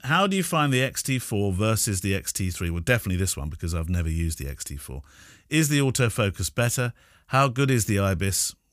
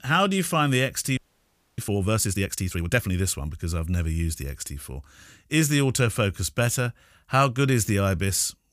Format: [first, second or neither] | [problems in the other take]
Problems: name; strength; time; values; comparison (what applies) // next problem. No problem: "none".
first | audio freezing; at 1 s for 0.5 s